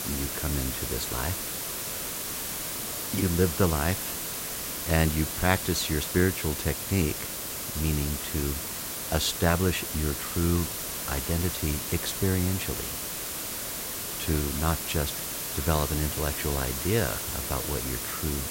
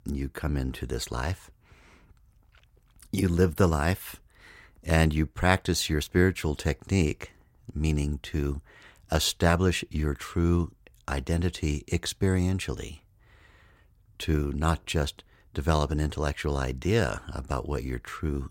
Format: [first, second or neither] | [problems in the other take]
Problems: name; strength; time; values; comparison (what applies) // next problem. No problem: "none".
second | hiss; loud; throughout; 2 dB below the speech